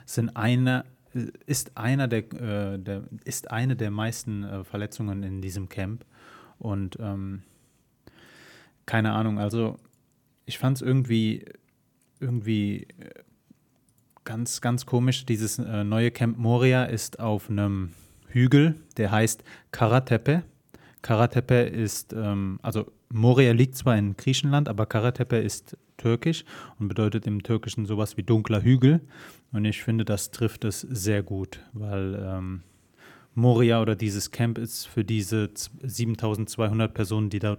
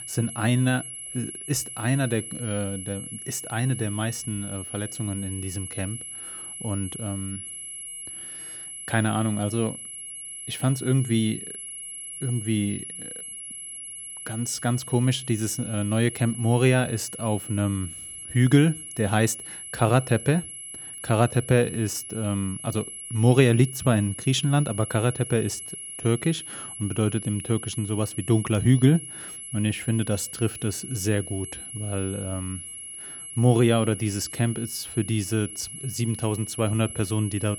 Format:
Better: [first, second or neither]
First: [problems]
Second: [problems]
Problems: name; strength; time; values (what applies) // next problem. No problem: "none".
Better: first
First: none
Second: high-pitched whine; loud; throughout; 11 kHz, 10 dB below the speech